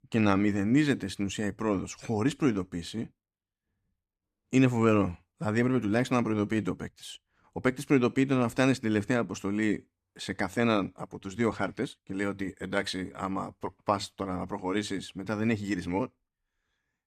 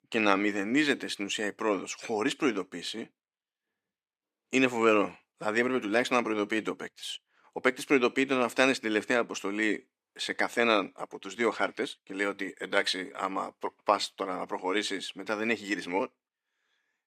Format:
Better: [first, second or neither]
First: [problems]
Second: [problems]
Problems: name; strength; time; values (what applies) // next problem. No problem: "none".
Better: first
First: none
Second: thin; somewhat; fading below 400 Hz